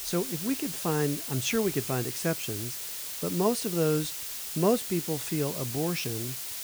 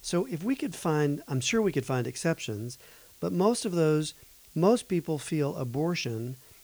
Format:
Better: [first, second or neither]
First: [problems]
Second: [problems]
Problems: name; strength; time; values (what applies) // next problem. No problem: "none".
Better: second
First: hiss; loud; throughout; 4 dB below the speech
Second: hiss; faint; throughout; 25 dB below the speech